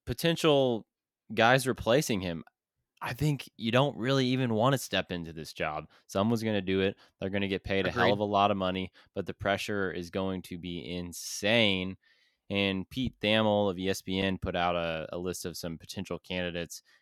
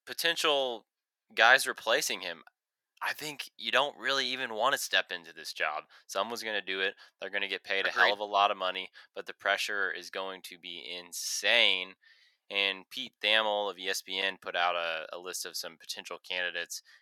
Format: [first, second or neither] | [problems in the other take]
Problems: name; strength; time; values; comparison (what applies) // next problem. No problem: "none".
first | thin; very; fading below 750 Hz